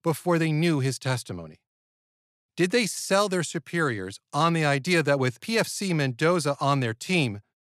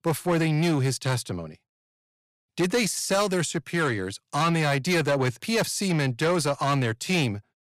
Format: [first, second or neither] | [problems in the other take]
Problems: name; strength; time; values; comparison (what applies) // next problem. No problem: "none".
first | distortion; slight; 10 dB below the speech